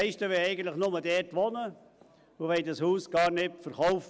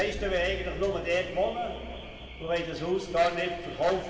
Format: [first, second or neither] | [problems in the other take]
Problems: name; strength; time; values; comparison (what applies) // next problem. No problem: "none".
first | background sound (Alarm / Car); 12 dB below the speech // room echo; dies away in 2.1 s